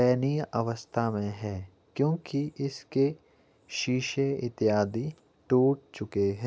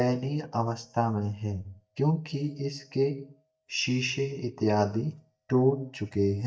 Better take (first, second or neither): first